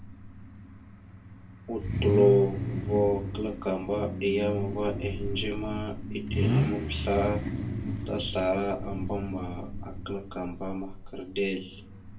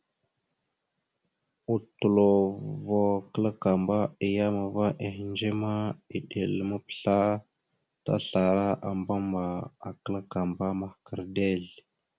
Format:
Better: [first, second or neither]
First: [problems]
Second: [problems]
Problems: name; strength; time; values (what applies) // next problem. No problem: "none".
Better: second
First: background sound (Idling / Accelerating, revving, vroom / Car); 2 dB below the speech // room echo; dies away in 0.2 s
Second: none